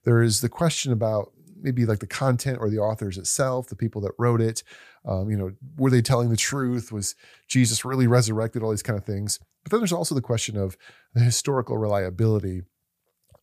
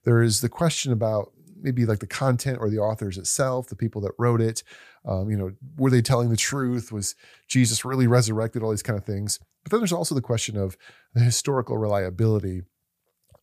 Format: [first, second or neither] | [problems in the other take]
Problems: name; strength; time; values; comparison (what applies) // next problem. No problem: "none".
neither | none